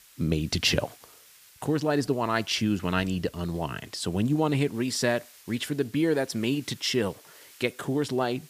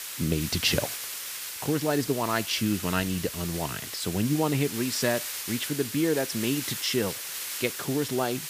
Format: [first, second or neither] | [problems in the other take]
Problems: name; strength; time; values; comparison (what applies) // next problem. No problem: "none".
first | hiss; loud; throughout; 5 dB below the speech; faint in the first